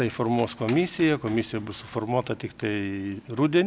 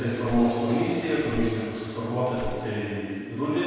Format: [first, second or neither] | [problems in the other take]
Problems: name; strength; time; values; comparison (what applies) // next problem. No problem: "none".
first | background sound (Whoosh, swoosh, swish); 12 dB below the speech // room echo; dies away in 1.9 s